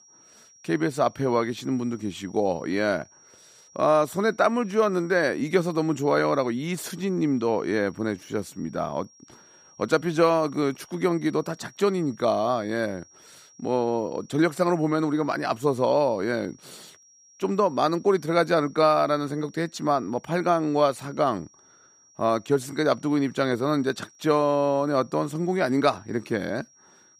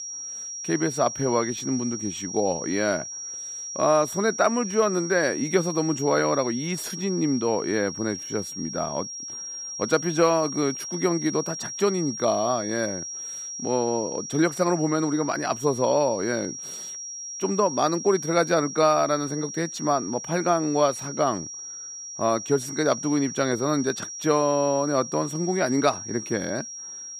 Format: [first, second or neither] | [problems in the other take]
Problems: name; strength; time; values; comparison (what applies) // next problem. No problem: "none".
first | high-pitched whine; loud; throughout; 5.5 kHz, 8 dB below the speech; faint in the first